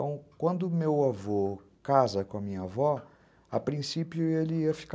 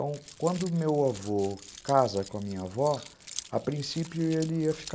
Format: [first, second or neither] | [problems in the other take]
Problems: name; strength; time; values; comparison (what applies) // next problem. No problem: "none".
first | background sound (Keys jangling); 17 dB below the speech